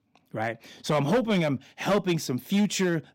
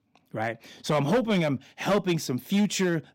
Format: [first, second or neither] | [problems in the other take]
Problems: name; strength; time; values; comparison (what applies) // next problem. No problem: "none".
neither | distortion; slight; 7% of the sound clipped; the same in both